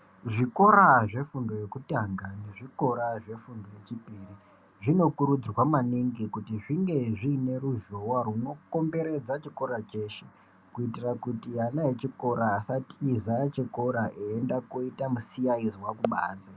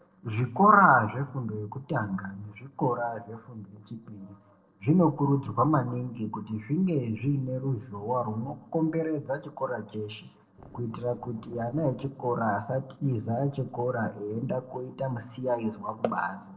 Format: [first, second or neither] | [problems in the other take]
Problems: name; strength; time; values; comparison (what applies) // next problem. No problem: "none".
first | noise reduction (neural separator model SepFormer DNS4)